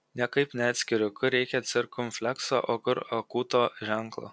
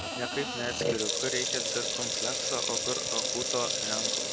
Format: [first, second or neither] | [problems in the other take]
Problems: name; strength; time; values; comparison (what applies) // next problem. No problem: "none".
first | background sound (Sink (filling or washing) / Water tap, faucet); 5 dB above the speech